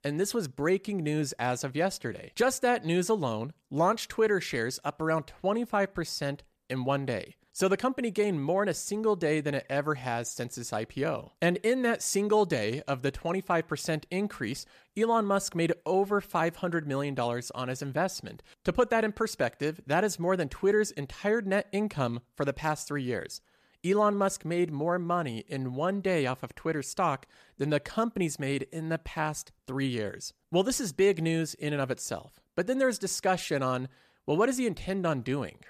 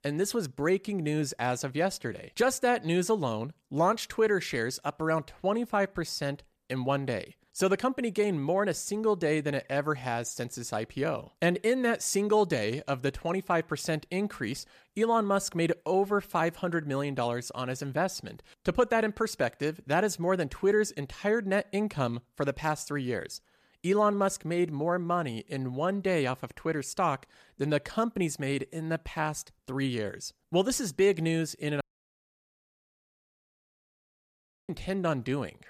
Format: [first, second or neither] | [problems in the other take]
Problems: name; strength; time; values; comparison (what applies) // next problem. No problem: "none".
first | audio cutting out; at 32 s for 3 s